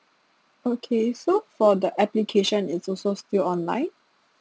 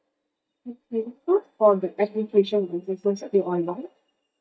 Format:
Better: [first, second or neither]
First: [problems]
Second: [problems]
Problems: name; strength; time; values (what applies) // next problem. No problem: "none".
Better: first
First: none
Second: noise reduction (neural mask model DeepFilterNet 3)